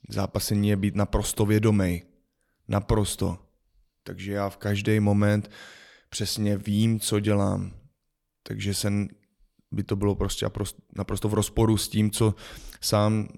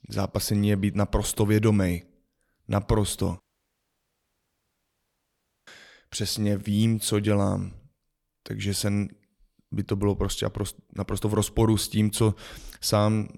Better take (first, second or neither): first